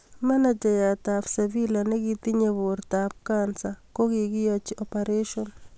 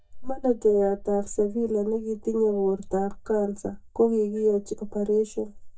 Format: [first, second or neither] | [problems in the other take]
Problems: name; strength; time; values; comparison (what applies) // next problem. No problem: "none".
first | noise reduction (neural mask model DeepFilterNet 3)